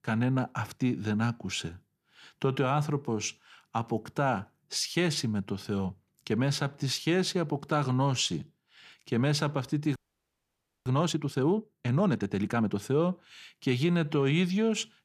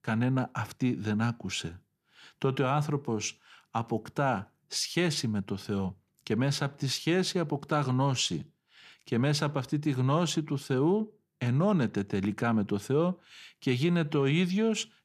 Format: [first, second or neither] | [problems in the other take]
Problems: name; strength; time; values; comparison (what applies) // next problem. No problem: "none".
second | audio freezing; at 10 s for 1 s